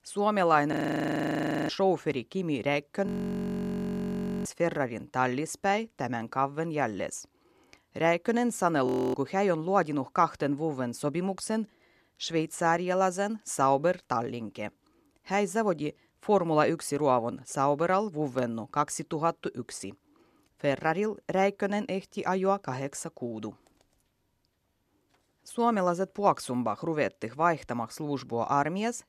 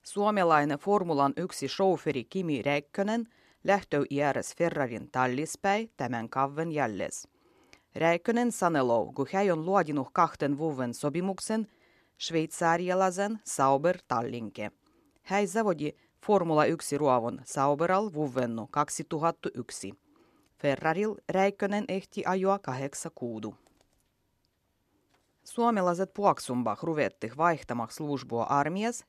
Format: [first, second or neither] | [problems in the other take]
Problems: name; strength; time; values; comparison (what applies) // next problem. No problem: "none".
second | audio freezing; at 0.5 s for 1 s, at 3 s for 1.5 s and at 9 s